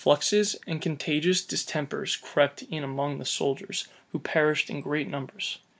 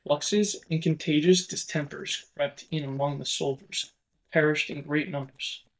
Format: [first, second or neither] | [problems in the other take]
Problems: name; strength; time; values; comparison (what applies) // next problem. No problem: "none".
first | noise reduction (neural mask model DeepFilterNet 3)